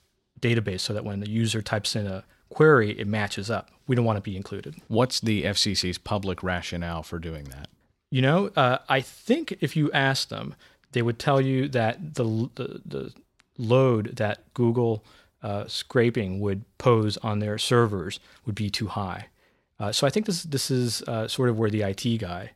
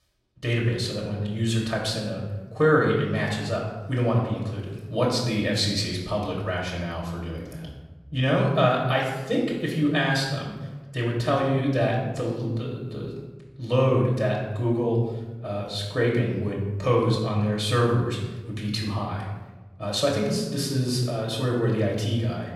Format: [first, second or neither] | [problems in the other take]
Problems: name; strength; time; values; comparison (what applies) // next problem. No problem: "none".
first | off-mic speech; far // room echo; noticeable; dies away in 1.1 s